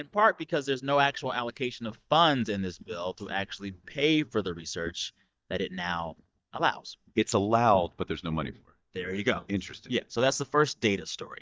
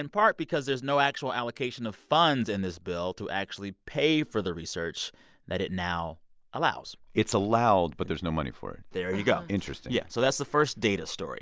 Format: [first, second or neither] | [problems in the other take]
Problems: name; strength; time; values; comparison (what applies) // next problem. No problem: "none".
second | noise reduction (neural mask model DeepFilterNet 3)